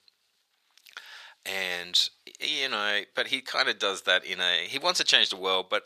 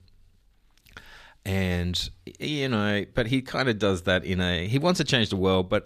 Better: second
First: thin; very; fading below 750 Hz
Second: none

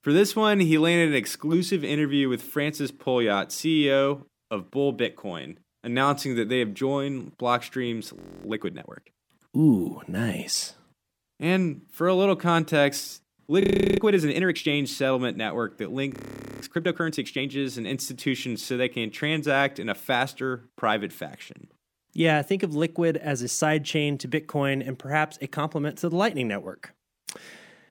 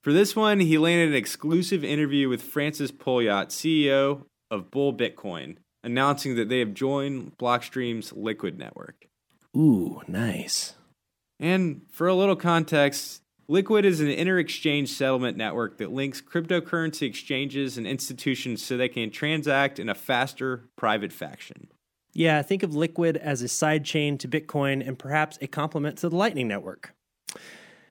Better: second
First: audio freezing; at 8 s, at 14 s and at 16 s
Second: none

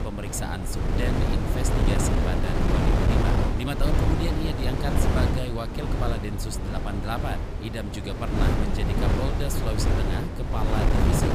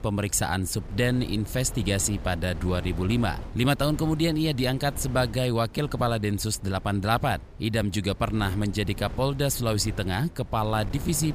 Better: second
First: wind noise on the microphone; heavy; 3 dB above the speech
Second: wind noise on the microphone; occasional gusts; 20 dB below the speech

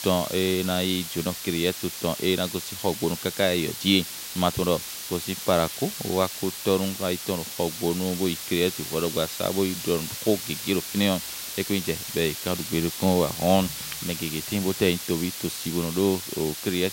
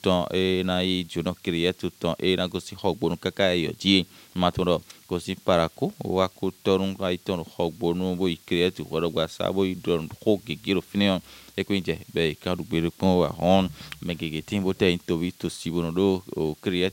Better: second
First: hiss; loud; throughout; 6 dB below the speech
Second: hiss; faint; throughout; 25 dB below the speech

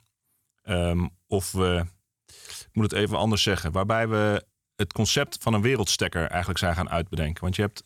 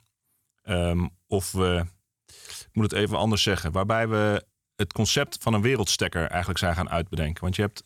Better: neither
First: none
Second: none

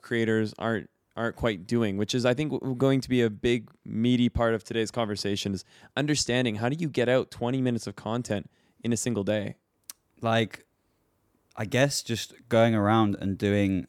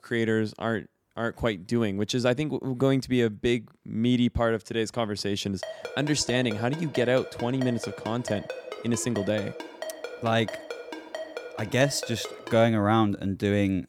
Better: first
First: none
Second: phone ringing; noticeable; from 5.5 to 13 s; peak 9 dB below the speech

